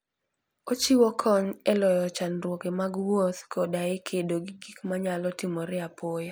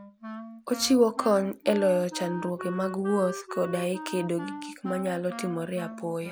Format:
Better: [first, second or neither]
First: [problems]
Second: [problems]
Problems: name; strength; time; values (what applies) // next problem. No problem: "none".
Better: first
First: none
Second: background sound (Wind instrument, woodwind instrument); 12 dB below the speech